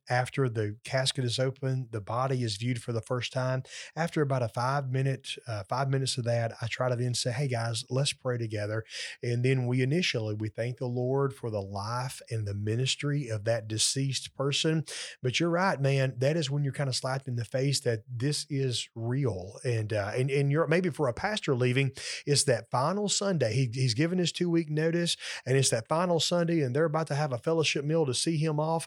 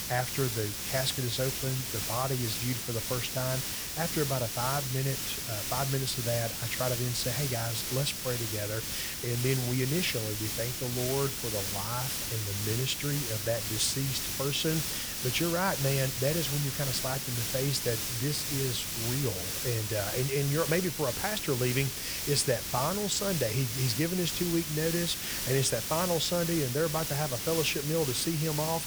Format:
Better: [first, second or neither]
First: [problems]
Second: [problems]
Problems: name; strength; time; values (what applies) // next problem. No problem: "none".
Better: first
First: none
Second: hiss; loud; throughout; as loud as the speech